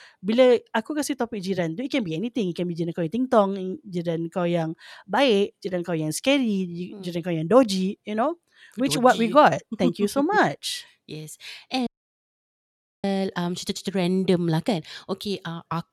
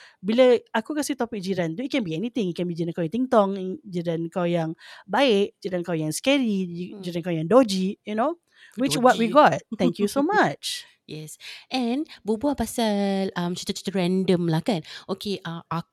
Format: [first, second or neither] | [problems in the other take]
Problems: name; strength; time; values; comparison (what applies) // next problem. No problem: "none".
second | audio cutting out; at 12 s for 1 s